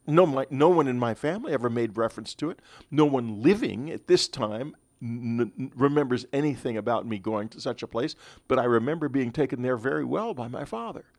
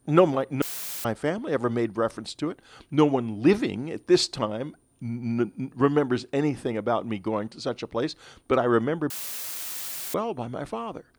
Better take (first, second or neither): first